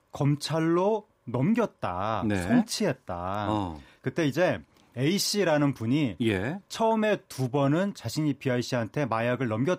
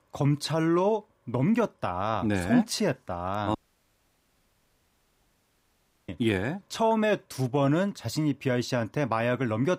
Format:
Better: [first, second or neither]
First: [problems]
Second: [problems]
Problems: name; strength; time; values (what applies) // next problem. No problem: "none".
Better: first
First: none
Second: audio cutting out; at 3.5 s for 2.5 s